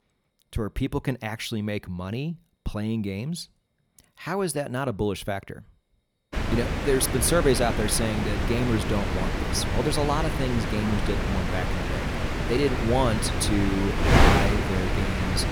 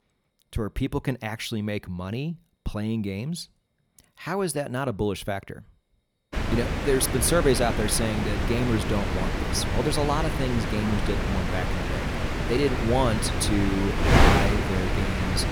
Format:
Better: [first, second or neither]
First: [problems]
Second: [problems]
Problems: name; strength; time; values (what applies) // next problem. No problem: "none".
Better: neither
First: wind noise on the microphone; heavy; from 6.5 s on; as loud as the speech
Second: wind noise on the microphone; heavy; from 6.5 s on; as loud as the speech